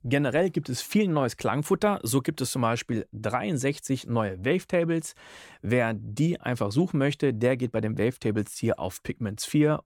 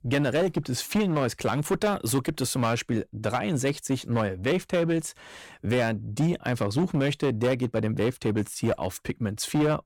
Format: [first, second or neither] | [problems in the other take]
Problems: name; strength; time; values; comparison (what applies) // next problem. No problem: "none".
first | distortion; slight; 12% of the sound clipped